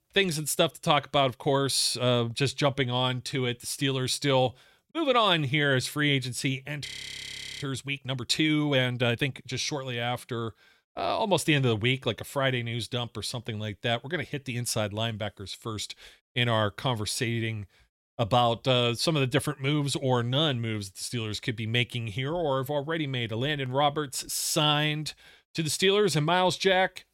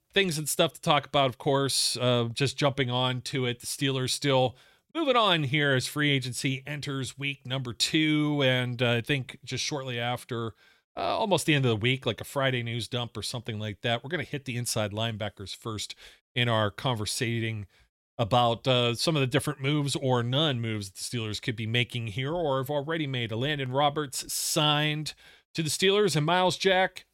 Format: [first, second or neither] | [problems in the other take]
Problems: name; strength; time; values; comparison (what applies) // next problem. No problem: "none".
second | audio freezing; at 7 s for 1 s